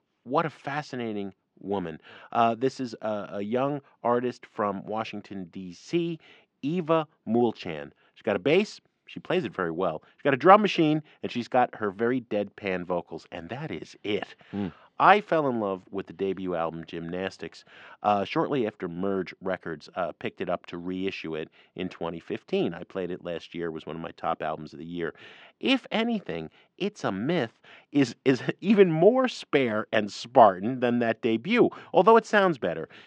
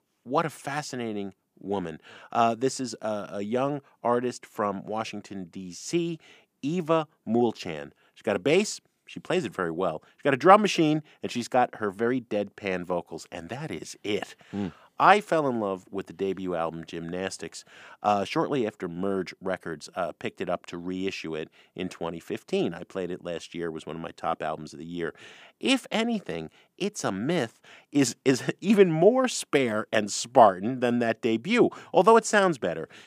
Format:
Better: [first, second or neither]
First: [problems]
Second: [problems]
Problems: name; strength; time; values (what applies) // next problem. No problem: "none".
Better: second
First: muffled; slightly; fading above 4 kHz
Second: none